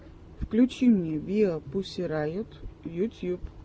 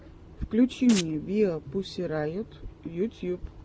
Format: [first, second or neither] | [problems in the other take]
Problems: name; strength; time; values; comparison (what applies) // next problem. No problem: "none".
first | background sound (Domestic sounds, home sounds); 11 dB below the speech